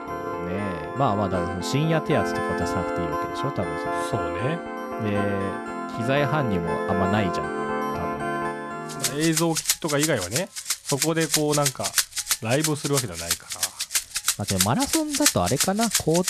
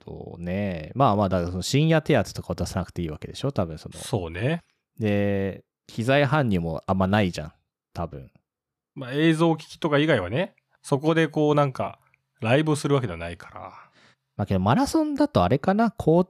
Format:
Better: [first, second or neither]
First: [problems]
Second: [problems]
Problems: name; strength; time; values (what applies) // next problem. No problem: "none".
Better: second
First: background music; very loud; throughout; as loud as the speech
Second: none